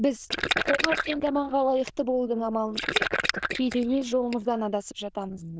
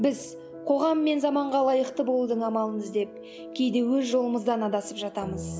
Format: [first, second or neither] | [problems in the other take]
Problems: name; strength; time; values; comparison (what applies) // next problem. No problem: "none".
second | noise reduction (neural diffusion model UNIVERSE++)